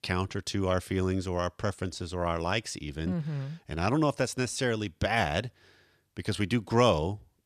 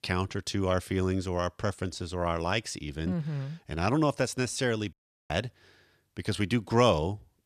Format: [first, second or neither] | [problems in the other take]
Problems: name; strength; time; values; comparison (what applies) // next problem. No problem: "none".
first | audio cutting out; at 5 s